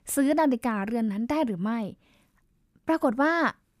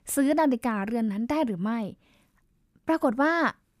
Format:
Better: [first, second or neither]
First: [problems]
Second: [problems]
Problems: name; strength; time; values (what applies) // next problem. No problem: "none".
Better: neither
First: none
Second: none